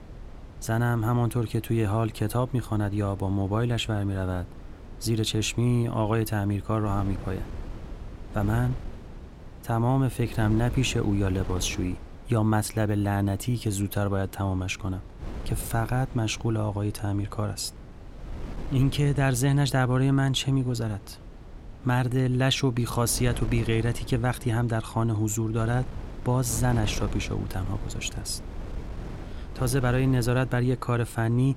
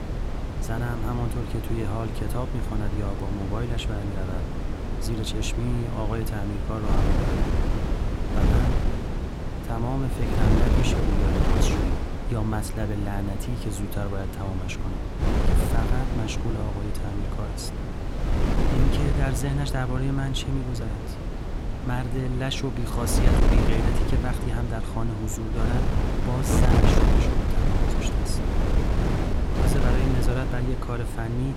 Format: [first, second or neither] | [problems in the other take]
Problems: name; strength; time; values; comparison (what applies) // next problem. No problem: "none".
first | wind noise on the microphone; heavy; 1 dB above the speech; occasional gusts in the first